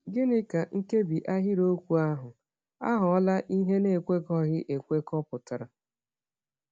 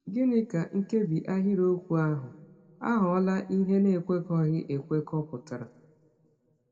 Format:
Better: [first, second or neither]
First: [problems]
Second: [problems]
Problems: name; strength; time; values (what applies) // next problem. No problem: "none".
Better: first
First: none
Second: room echo; dies away in 1.2 s